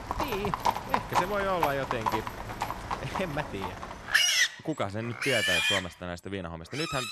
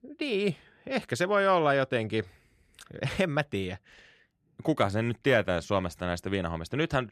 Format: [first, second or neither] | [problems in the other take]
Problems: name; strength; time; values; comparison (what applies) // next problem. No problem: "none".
second | animal sounds; very loud; throughout; 5 dB above the speech